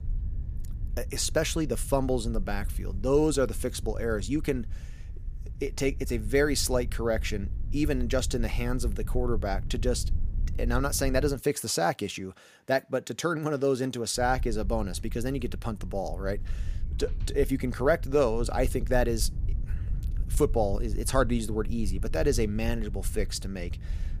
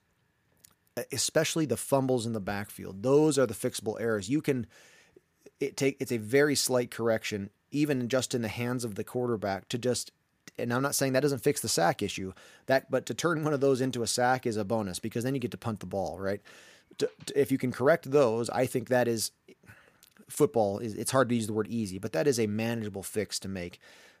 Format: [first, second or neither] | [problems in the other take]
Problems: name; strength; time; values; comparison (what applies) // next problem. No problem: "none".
second | low rumble; faint; until 11 s and from 14 s on; 25 dB below the speech